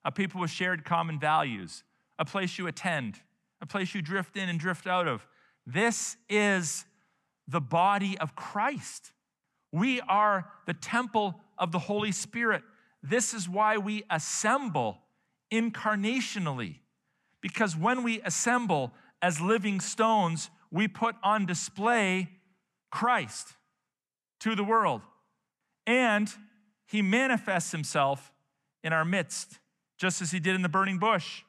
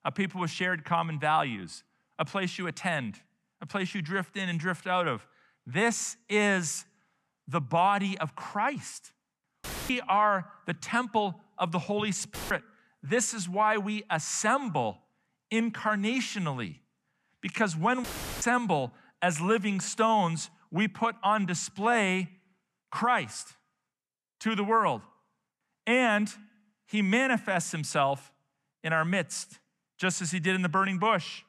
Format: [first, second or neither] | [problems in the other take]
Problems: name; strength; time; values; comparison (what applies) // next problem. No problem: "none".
first | audio cutting out; filled with static; at 9.5 s, at 12 s and at 18 s